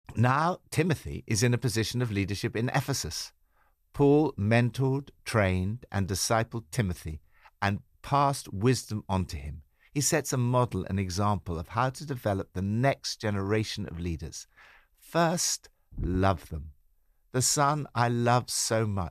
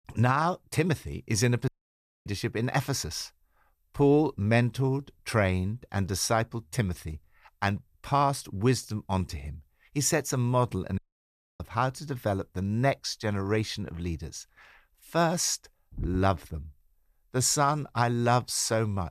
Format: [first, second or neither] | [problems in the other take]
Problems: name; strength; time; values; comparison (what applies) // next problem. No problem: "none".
first | audio cutting out; at 1.5 s for 0.5 s and at 11 s for 0.5 s